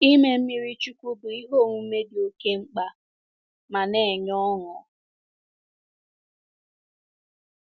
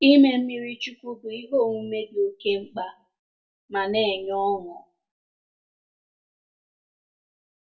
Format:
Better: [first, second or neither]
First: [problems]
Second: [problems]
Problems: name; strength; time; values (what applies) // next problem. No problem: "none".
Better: first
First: none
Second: room echo; dies away in 0.2 s